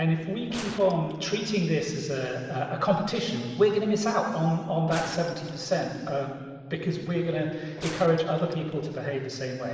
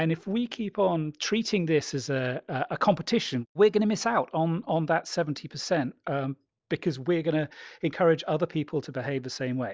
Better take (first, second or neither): second